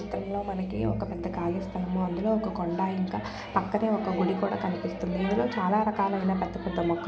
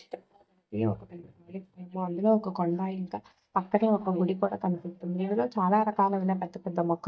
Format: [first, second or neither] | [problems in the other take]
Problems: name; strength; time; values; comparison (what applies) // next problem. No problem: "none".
first | noise reduction (neural mask model DeepFilterNet 3)